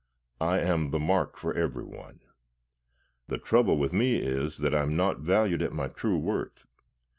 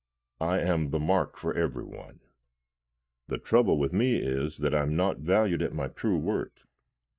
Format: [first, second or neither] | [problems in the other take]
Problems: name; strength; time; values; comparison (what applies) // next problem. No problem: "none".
first | noise reduction (neural mask model DeepFilterNet 3)